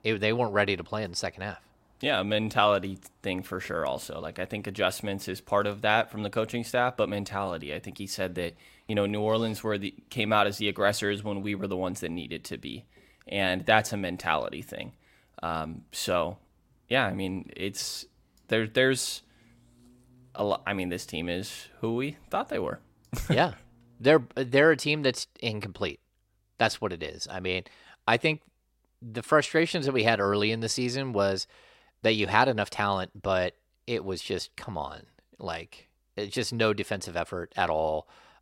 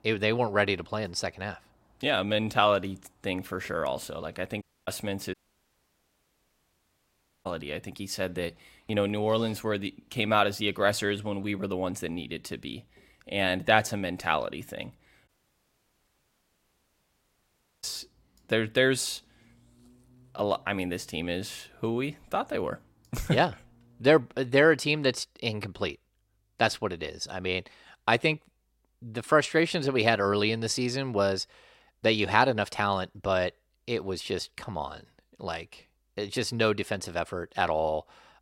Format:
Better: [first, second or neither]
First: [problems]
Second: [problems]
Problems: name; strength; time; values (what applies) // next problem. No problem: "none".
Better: first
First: none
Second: audio cutting out; at 4.5 s, at 5.5 s for 2 s and at 15 s for 2.5 s